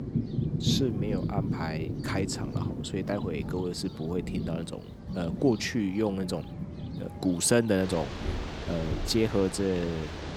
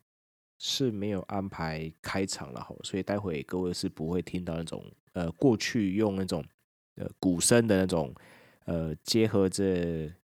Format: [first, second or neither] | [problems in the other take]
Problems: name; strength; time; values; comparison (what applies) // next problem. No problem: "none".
second | rain or running water; loud; throughout; 5 dB below the speech